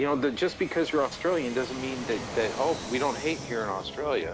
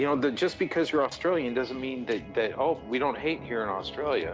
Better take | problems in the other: second | background sound (Fixed-wing aircraft, airplane); 12 dB below the speech

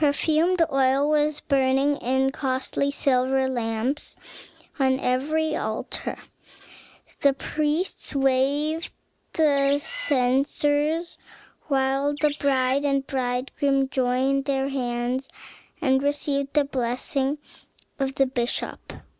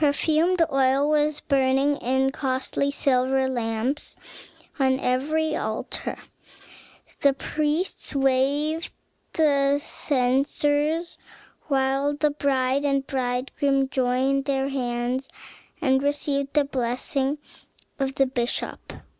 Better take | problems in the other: second | background sound (Bird); 11 dB below the speech

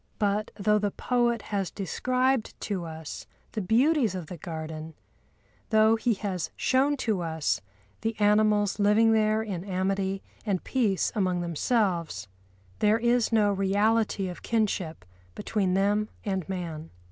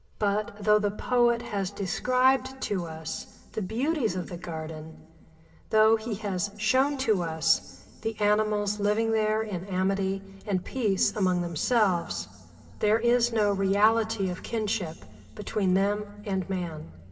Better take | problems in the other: first | room echo; dies away in 2.8 s

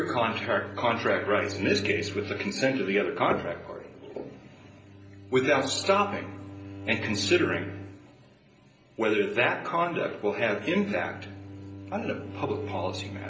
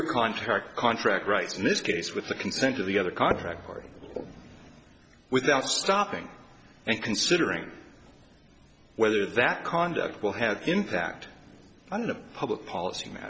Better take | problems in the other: second | background sound (Bowed string instrument); 13 dB below the speech // room echo; dies away in 0.5 s

